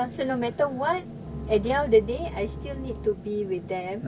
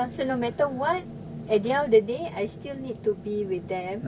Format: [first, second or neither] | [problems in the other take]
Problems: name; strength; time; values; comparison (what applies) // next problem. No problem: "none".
second | background sound (Bowed string instrument); 12 dB below the speech